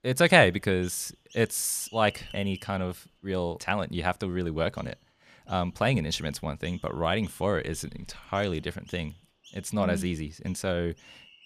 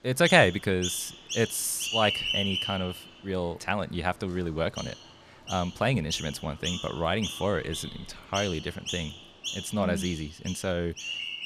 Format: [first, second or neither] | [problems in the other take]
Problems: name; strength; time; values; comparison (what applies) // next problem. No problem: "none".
first | animal sounds; loud; throughout; 6 dB below the speech; faint in the first